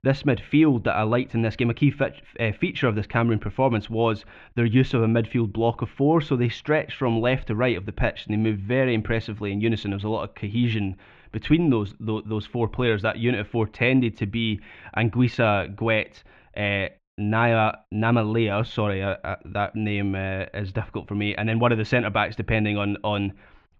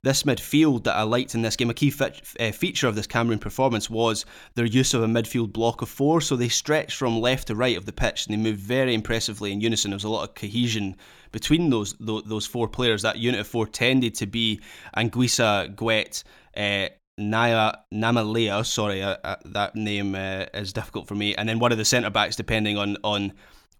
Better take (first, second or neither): second